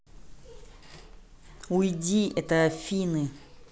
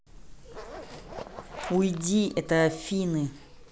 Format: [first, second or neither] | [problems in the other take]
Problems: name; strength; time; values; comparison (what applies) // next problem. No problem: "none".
first | background sound (Zipper (clothing)); 14 dB below the speech